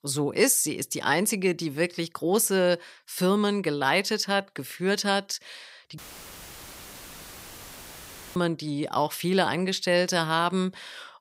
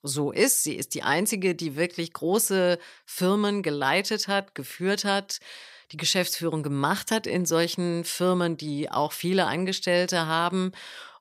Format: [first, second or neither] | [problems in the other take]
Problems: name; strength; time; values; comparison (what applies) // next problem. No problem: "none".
second | audio cutting out; filled with static; at 6 s for 2.5 s